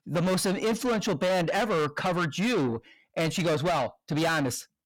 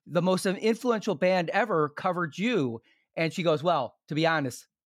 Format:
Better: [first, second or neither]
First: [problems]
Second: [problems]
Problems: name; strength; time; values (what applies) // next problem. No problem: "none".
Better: second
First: distortion; heavy; 6 dB below the speech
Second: none